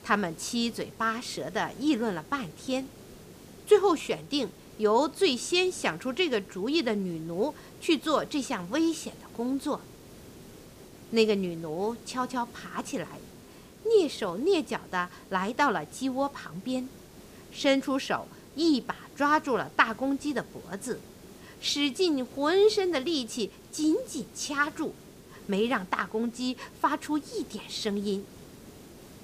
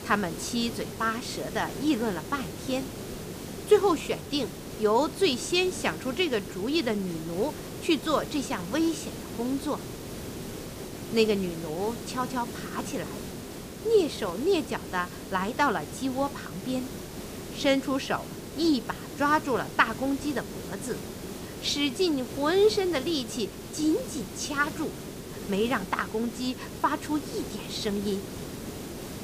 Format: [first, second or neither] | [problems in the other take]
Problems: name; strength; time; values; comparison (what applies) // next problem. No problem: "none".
first | hiss; loud; throughout; 10 dB below the speech; faint in the first